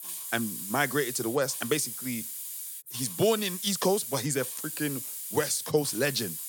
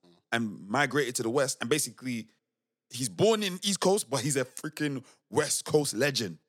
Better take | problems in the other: second | hiss; loud; throughout; 6 dB below the speech

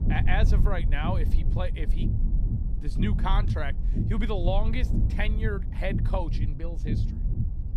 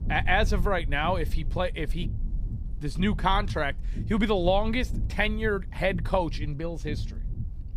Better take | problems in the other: second | low rumble; loud; throughout; 8 dB below the speech; faint in the second

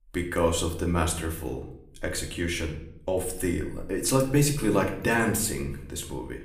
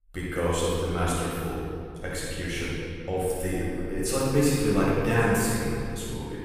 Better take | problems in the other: first | room echo; strong; dies away in 2.2 s; slight in the first // off-mic speech; far; somewhat distant in the first

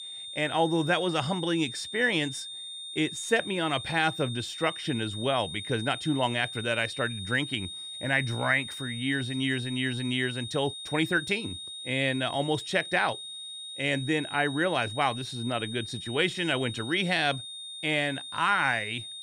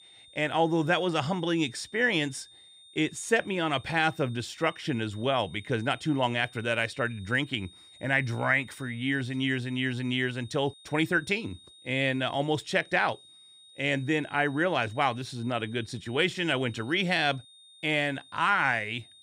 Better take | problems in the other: second | high-pitched whine; loud; throughout; 3.5 kHz, 9 dB below the speech; faint in the second

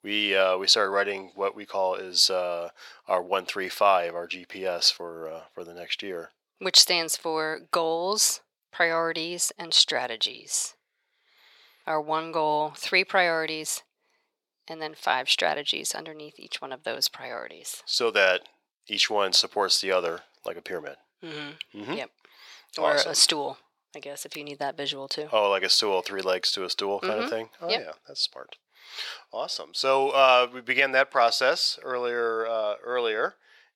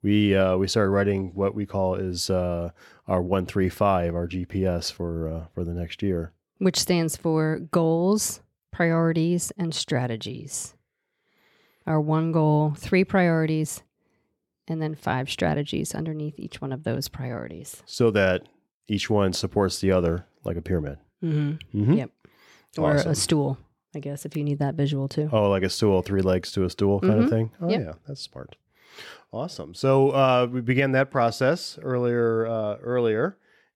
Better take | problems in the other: second | thin; very; fading below 750 Hz

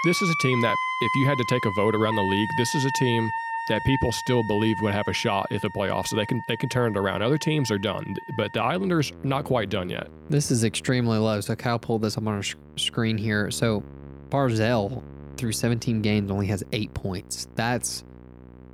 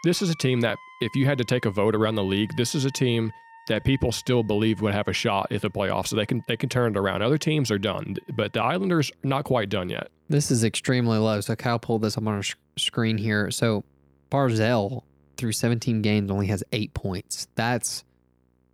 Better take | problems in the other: second | background music; loud; throughout; 6 dB below the speech; faint in the second

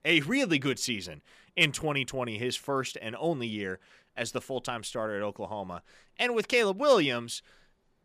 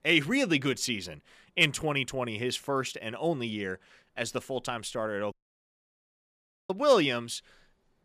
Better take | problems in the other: first | audio cutting out; at 5.5 s for 1.5 s

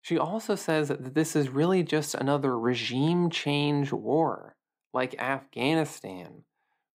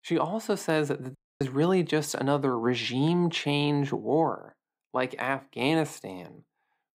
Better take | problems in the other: first | audio cutting out; at 1 s

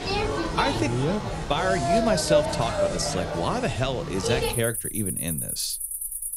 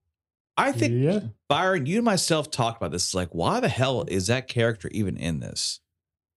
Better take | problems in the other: second | animal sounds; very loud; throughout; as loud as the speech

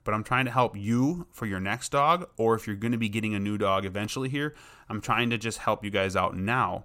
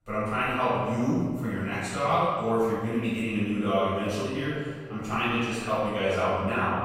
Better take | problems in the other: first | room echo; strong; dies away in 1.7 s // off-mic speech; far

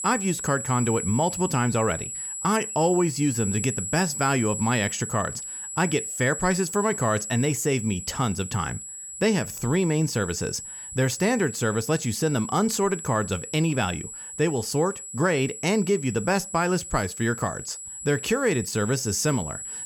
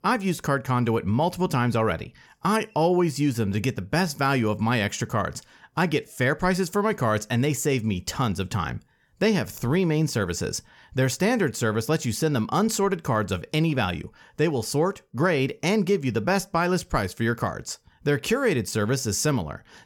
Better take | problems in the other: second | high-pitched whine; loud; throughout; 7.5 kHz, 7 dB below the speech

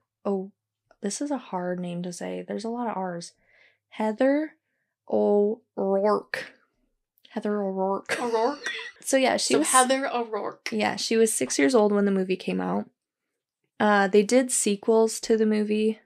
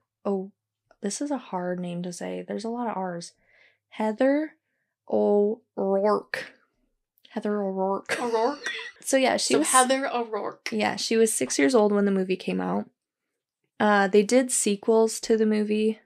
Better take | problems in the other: neither | none

